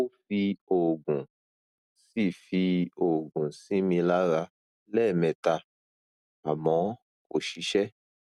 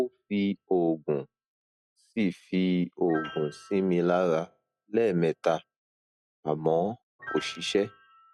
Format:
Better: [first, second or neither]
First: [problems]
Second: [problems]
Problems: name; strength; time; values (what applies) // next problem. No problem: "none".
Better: first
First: none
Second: noise reduction (classical method log-MMSE)